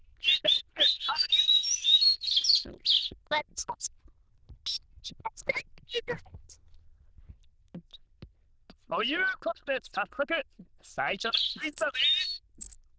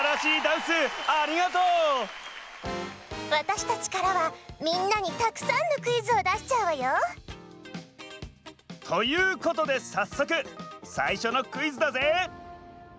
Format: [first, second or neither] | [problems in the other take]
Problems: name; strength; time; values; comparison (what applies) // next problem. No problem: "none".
second | noise reduction (neural diffusion model UNIVERSE++)